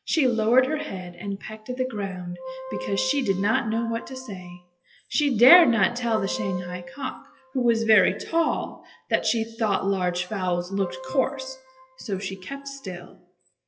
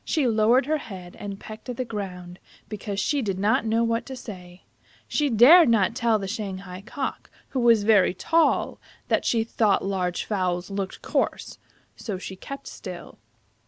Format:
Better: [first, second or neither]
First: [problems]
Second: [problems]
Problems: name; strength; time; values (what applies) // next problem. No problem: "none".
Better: second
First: noise reduction (classical method WPE with log-MMSE)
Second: none